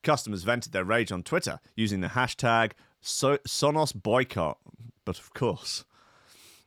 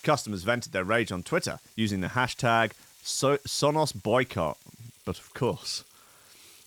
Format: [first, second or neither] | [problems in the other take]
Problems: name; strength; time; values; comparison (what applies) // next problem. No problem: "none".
first | household noises; faint; throughout; 25 dB below the speech